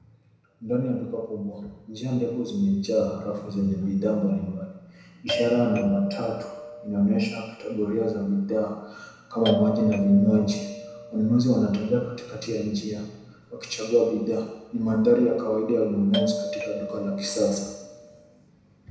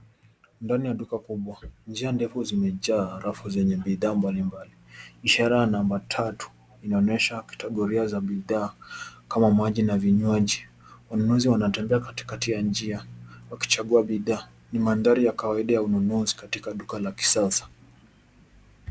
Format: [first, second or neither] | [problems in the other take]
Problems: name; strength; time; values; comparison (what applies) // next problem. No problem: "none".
second | background sound (Doorbell); 8 dB below the speech // room echo; dies away in 0.9 s